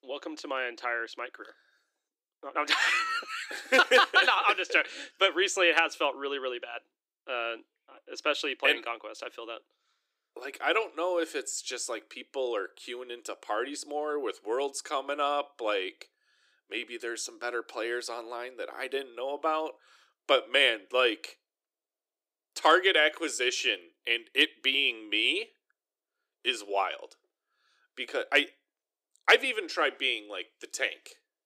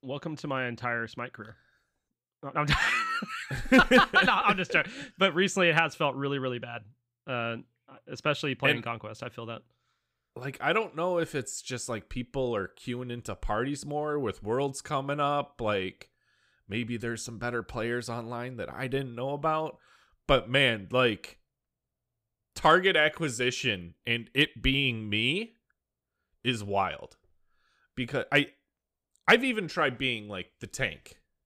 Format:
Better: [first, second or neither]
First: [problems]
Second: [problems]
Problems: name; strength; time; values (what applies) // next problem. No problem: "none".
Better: second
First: thin; very; fading below 300 Hz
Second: none